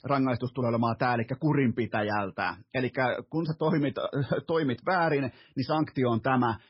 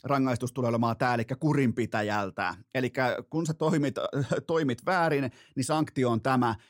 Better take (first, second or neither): second